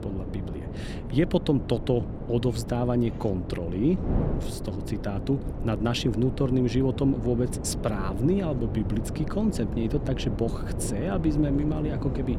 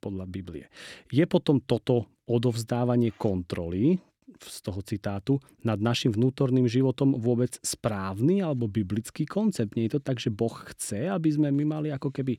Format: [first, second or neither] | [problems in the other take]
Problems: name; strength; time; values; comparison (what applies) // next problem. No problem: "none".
second | wind noise on the microphone; heavy; 8 dB below the speech